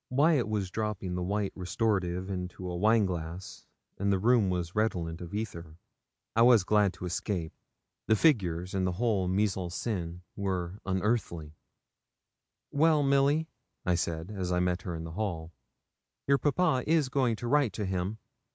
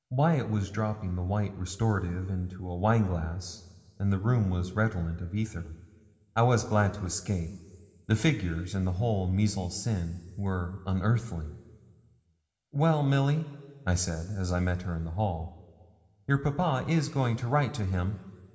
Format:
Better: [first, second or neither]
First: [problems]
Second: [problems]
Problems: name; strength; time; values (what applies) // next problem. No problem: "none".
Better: first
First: none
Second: room echo; dies away in 1.5 s